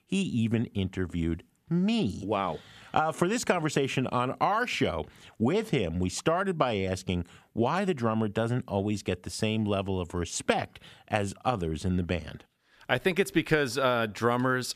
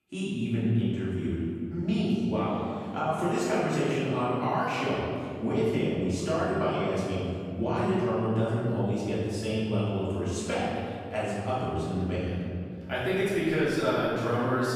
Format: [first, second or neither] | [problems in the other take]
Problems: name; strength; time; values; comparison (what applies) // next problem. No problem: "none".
first | room echo; strong; dies away in 2.4 s // off-mic speech; far